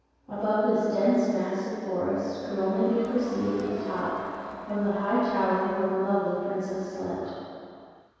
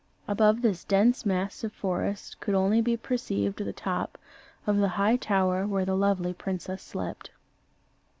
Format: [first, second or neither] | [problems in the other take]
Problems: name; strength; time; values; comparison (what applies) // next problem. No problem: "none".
second | background sound (Crowd); 15 dB below the speech // room echo; dies away in 2.2 s